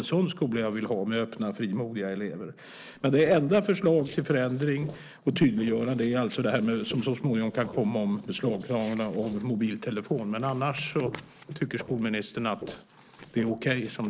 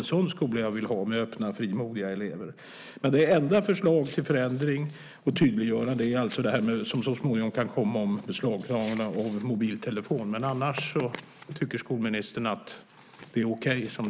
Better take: second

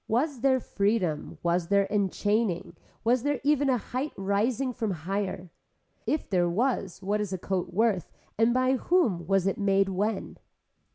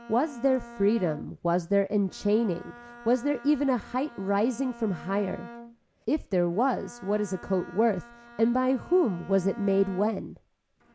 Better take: first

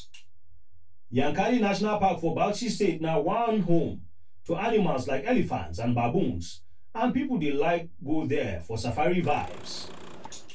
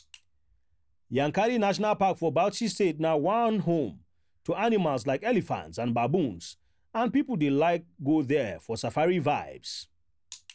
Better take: second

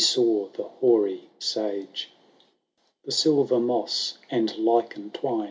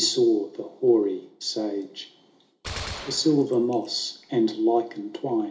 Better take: first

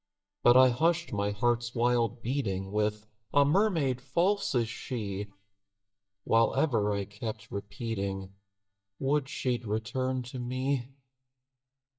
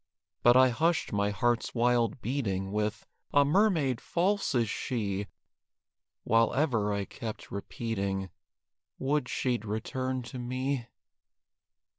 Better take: second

